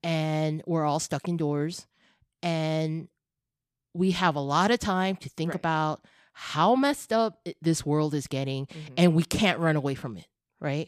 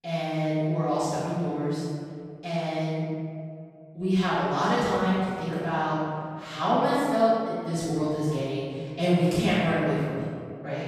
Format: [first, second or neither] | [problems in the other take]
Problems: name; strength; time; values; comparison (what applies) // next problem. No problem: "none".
first | off-mic speech; far // room echo; strong; dies away in 2 s